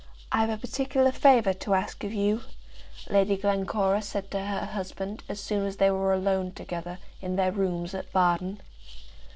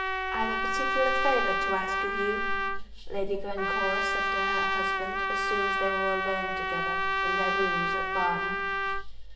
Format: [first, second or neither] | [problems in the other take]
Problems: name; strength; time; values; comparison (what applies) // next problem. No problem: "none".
first | background sound (Trumpet); 3 dB above the speech // room echo; dies away in 1.1 s